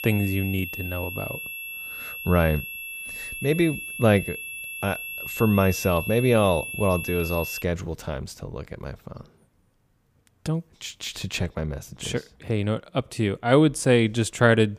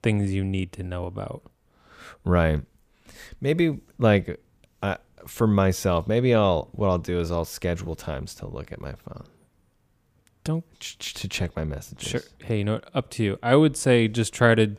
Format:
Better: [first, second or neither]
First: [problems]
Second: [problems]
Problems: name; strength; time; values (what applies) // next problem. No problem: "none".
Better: second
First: high-pitched whine; loud; until 7.5 s; 2.5 kHz, 8 dB below the speech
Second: none